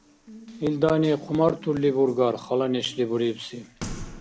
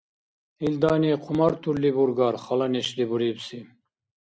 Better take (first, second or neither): second